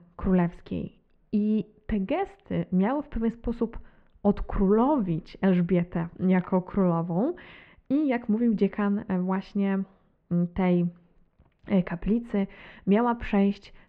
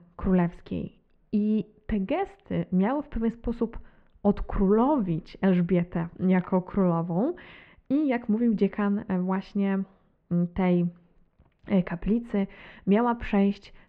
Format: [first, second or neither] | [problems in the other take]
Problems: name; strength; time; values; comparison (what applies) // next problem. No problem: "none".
neither | muffled; very; fading above 2 kHz; the same in both